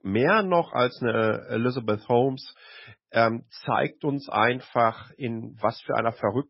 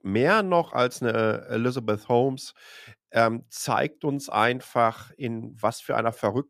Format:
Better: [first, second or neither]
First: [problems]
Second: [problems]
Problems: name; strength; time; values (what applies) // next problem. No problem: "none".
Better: second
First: garbled, watery; badly; nothing above 5.5 kHz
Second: none